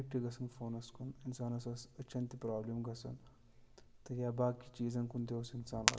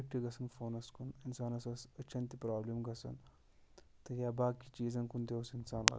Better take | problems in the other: second | room echo; dies away in 1.1 s

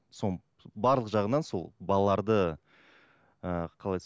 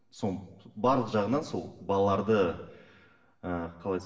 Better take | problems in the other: first | room echo; dies away in 0.9 s

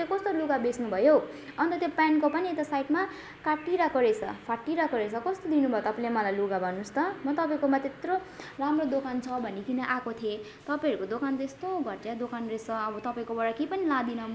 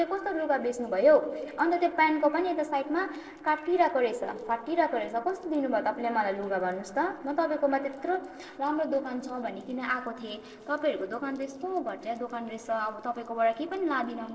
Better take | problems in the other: first | noise reduction (neural separator model SepFormer DNS4)

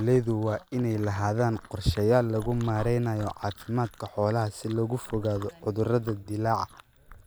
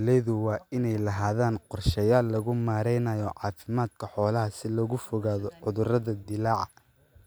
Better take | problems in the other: second | background sound (Chewing, mastication); 19 dB below the speech

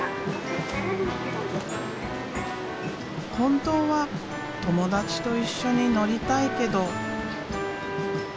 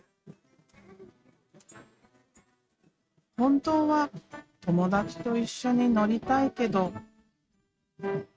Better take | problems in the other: first | noise reduction (neural mask model RNNoise)

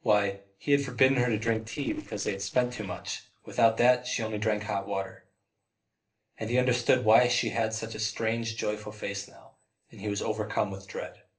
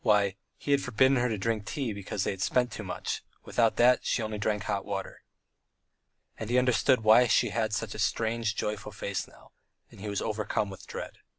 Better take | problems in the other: second | noise reduction (neural separator model SepFormer DNS4)

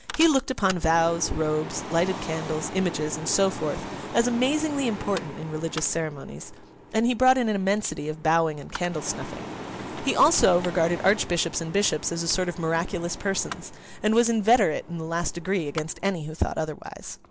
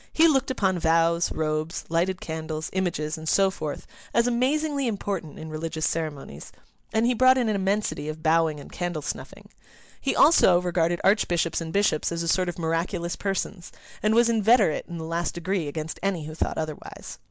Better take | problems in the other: second | background sound (Mechanical fan); 13 dB below the speech

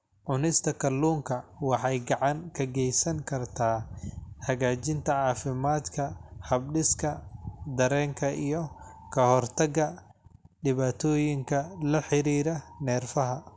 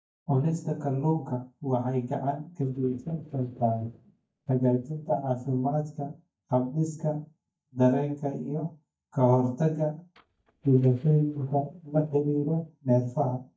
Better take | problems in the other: first | noise reduction (neural mask model DeepFilterNet 3)

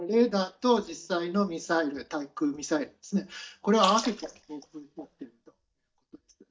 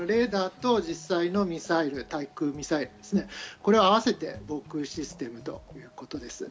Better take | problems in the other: second | noise reduction (neural mask model DeepFilterNet 3)

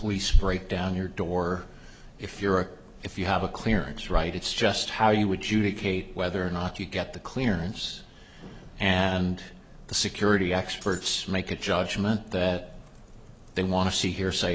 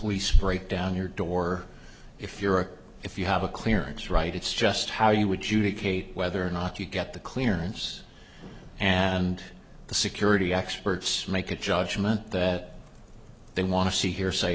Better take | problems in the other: second | background sound (Shatter); 19 dB below the speech

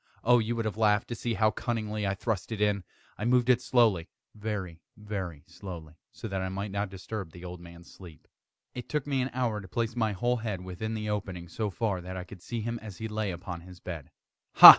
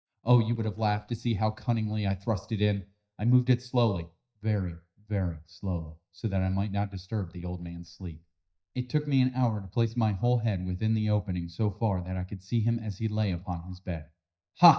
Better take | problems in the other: first | noise reduction (neural mask model DeepFilterNet 3)

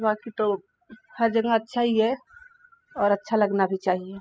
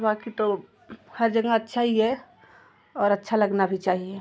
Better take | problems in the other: second | noise reduction (classical method spectral subtraction)

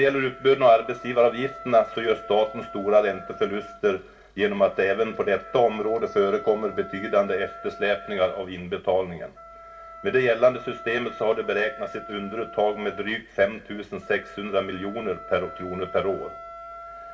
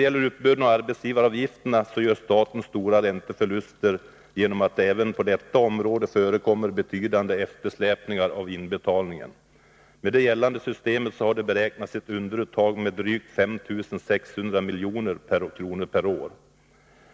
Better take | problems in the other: second | background sound (Wind instrument, woodwind instrument); 17 dB below the speech // room echo; dies away in 0.2 s

